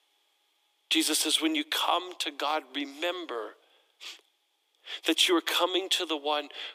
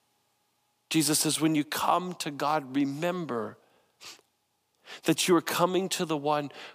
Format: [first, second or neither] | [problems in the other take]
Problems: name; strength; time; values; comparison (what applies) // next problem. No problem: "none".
second | thin; somewhat; fading below 300 Hz